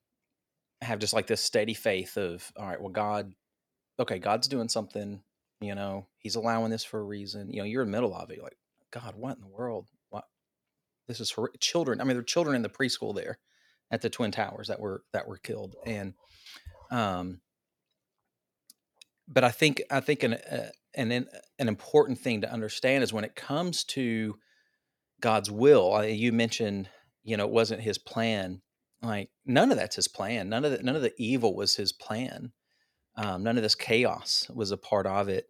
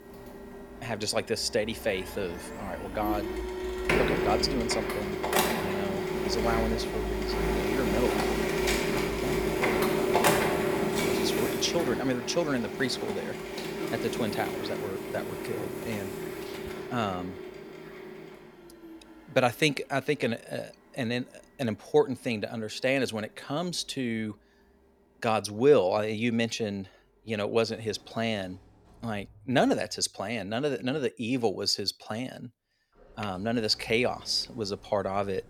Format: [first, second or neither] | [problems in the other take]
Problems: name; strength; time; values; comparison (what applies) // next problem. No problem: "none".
first | household noises; loud; throughout; as loud as the speech